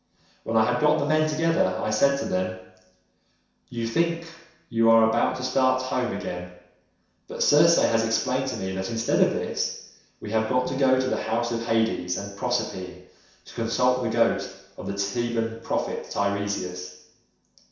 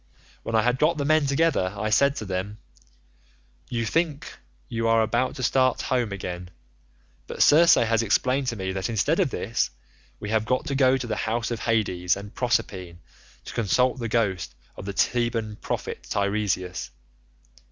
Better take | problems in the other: second | room echo; dies away in 0.7 s

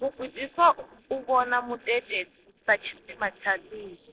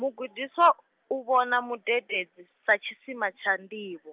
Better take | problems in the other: second | noise reduction (neural separator model SepFormer DNS4)

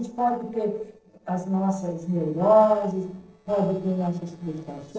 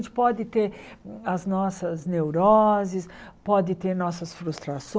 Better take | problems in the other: second | noise reduction (neural separator model SepFormer DNS4)

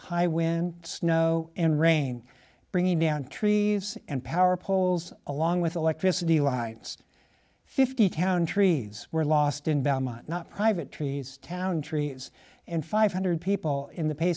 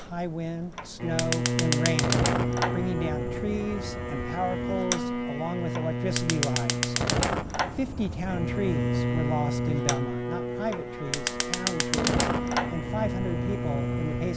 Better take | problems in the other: first | background sound (Bowed string instrument + Fire); 5 dB above the speech

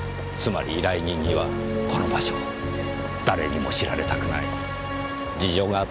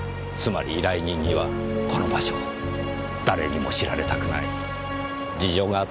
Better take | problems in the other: second | background sound (Boiling); 15 dB below the speech

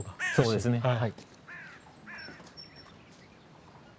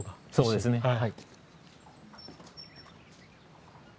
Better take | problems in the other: second | background sound (Bird); 11 dB below the speech

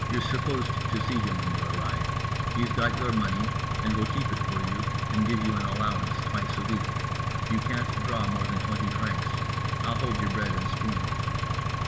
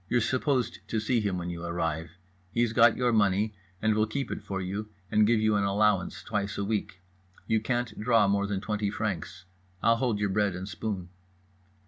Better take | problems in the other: second | background sound (Engine); 4 dB above the speech // room echo; dies away in 1.7 s

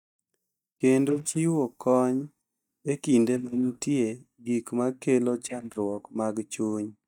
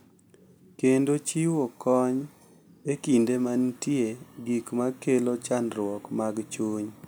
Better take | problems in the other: second | noise reduction (neural mask model DeepFilterNet 3)

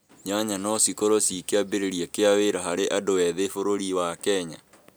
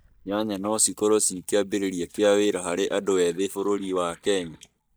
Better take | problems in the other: first | noise reduction (neural mask model DeepFilterNet 3)

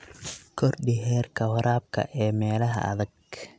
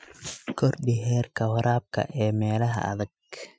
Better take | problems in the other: first | noise reduction (classical method Wiener filter)

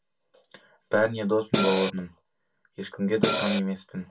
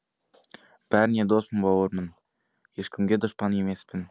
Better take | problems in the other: second | background sound (Cymbal); 3 dB above the speech // room echo; dies away in 0.2 s

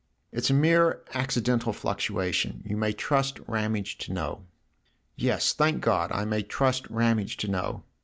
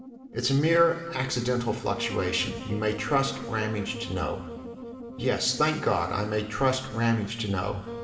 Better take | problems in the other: first | background sound (Wind instrument, woodwind instrument); 13 dB below the speech // room echo; dies away in 2.5 s

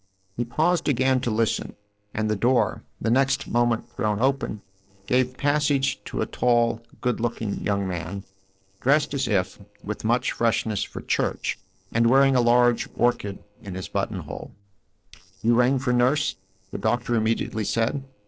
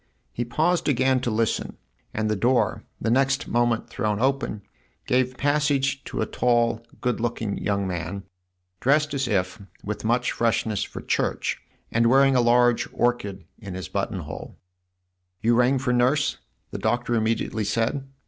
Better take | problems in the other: second | noise reduction (neural separator model SepFormer DNS4)

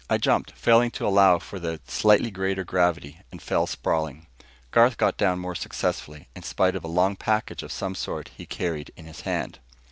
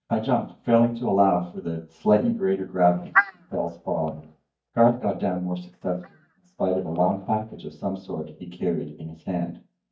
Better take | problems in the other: first | noise reduction (neural mask model DeepFilterNet 3)

